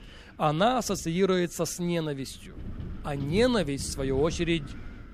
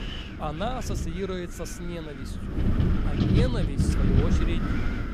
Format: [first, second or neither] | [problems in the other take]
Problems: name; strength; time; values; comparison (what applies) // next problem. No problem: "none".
first | wind noise on the microphone; heavy; 1 dB below the speech; occasional gusts in the first